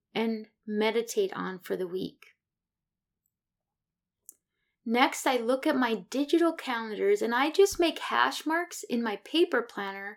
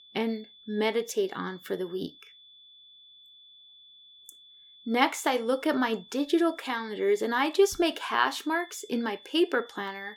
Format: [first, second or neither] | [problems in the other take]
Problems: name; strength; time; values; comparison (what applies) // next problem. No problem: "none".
first | high-pitched whine; faint; throughout; 3.5 kHz, 25 dB below the speech